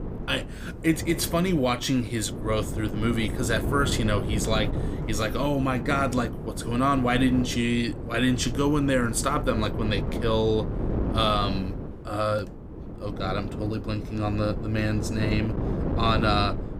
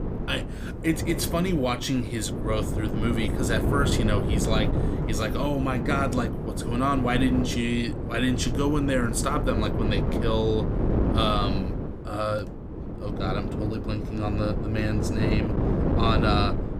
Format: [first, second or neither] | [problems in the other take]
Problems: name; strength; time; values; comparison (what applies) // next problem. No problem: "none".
first | wind noise on the microphone; heavy; 5 dB below the speech; occasional gusts in the first